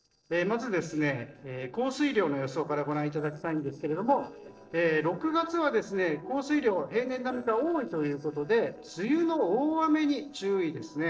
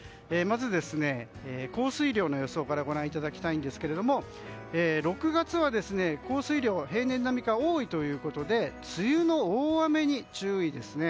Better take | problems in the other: second | noise reduction (neural separator model SepFormer DNS4)

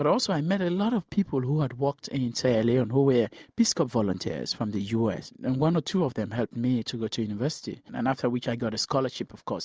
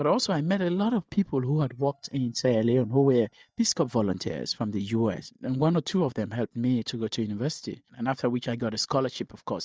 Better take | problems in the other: first | noise reduction (neural mask model DeepFilterNet 3)

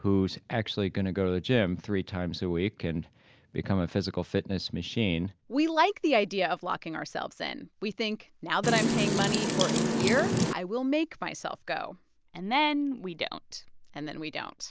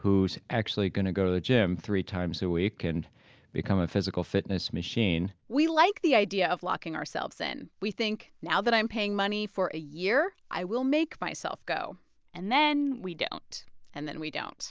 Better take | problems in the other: second | background sound (Wind); 3 dB above the speech

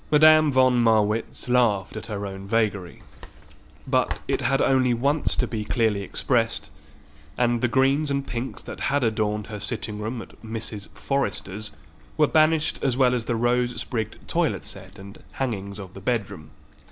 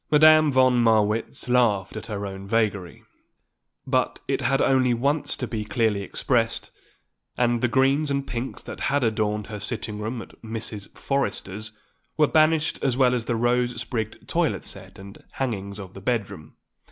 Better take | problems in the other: second | background sound (Chewing, mastication); 11 dB below the speech

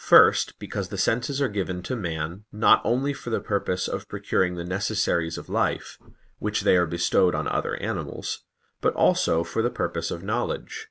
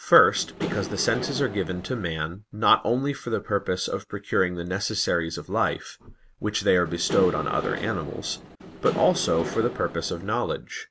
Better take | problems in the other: first | background sound (Engine / Mechanisms); 9 dB below the speech

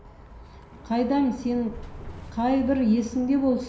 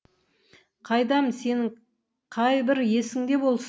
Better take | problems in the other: second | background sound (Bus); 16 dB below the speech // room echo; dies away in 0.5 s

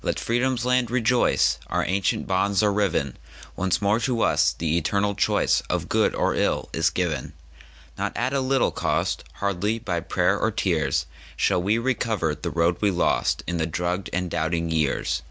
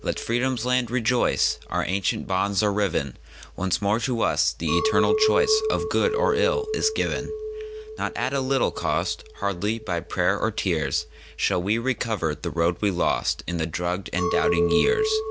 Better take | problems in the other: first | background sound (Chink, clink); 5 dB below the speech

